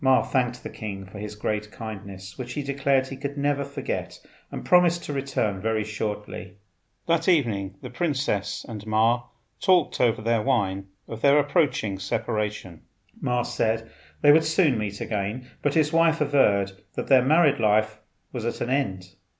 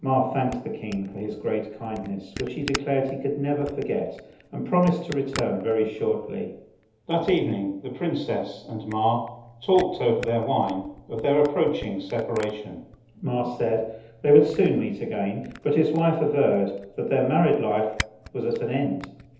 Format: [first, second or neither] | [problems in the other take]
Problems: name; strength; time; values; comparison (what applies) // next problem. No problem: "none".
first | background sound (Camera); 18 dB below the speech // room echo; dies away in 0.8 s